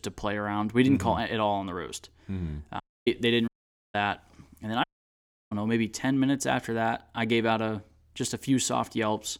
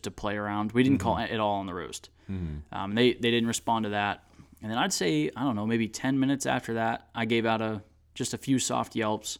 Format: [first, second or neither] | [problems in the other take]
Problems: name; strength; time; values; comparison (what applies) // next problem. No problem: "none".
second | audio cutting out; at 3 s, at 3.5 s and at 5 s for 0.5 s